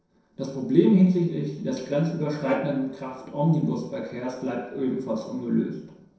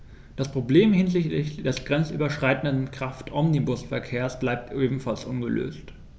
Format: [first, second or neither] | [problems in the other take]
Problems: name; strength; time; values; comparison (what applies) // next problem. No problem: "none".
second | noise reduction (neural separator model SepFormer DNS4)